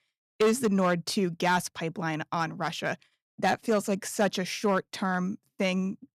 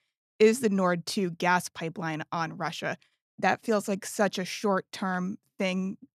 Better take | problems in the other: second | distortion; slight; 3% of the sound clipped

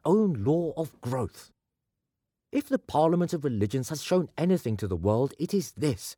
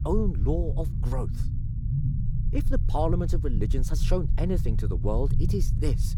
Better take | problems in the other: first | low rumble; loud; throughout; 9 dB below the speech

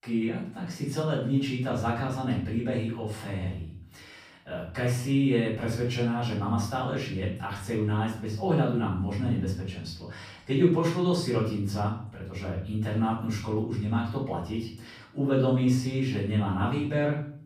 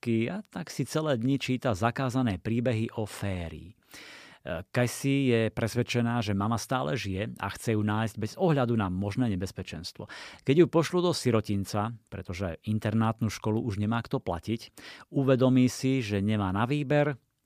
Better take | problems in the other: second | off-mic speech; far // room echo; noticeable; dies away in 0.6 s

